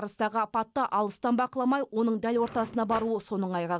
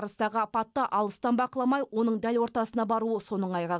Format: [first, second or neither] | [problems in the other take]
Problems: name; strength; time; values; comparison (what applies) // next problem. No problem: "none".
second | background sound (Cutlery, silverware / Drawer open or close); 16 dB below the speech